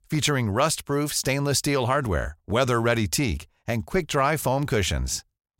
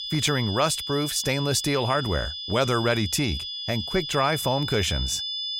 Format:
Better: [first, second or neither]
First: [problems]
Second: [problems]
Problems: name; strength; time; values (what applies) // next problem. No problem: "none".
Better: first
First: none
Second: high-pitched whine; loud; throughout; 3.5 kHz, 5 dB below the speech